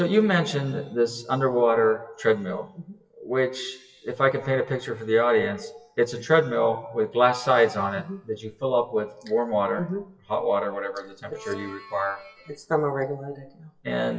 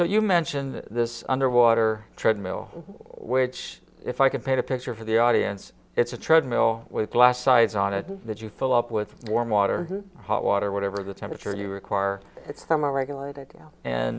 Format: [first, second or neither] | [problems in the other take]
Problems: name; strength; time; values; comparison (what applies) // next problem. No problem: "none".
second | noise reduction (classical method WPE with log-MMSE)